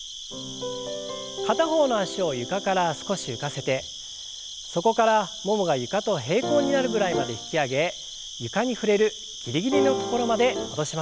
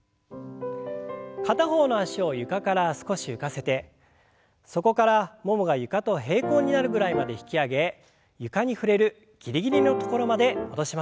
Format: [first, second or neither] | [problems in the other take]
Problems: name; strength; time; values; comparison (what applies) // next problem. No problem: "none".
second | background sound (Cricket); 13 dB below the speech